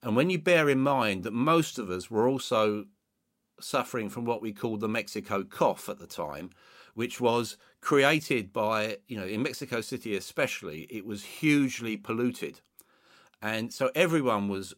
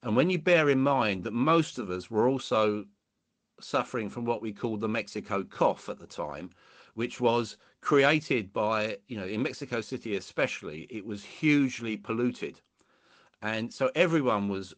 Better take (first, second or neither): first